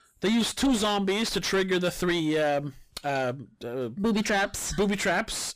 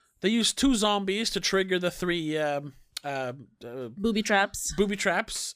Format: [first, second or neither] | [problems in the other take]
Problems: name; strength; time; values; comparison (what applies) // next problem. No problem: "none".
second | distortion; heavy; 7 dB below the speech